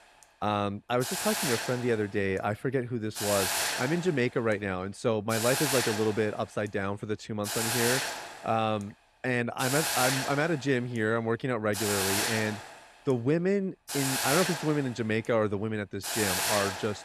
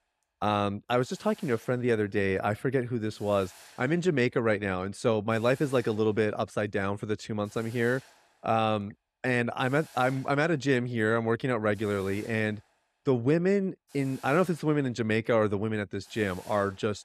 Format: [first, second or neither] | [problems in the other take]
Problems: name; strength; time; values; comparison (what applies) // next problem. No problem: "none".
second | hiss; loud; throughout; as loud as the speech; faint in the second